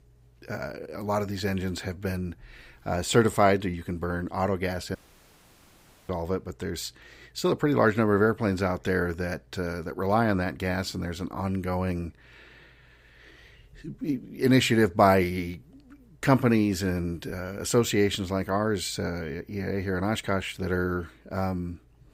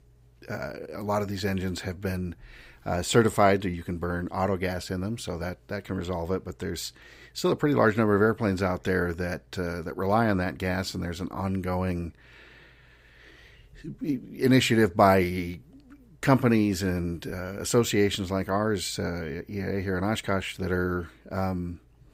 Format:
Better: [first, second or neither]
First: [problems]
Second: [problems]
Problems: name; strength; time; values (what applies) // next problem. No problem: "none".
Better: second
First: audio cutting out; at 5 s for 1 s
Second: none